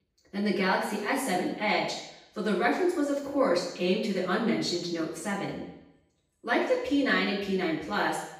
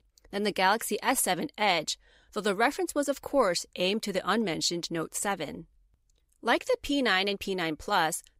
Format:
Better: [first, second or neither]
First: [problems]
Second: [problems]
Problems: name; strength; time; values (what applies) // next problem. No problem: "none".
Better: second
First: room echo; noticeable; dies away in 0.8 s // off-mic speech; far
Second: none